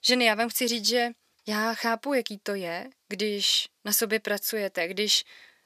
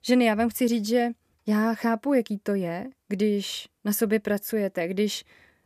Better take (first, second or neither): second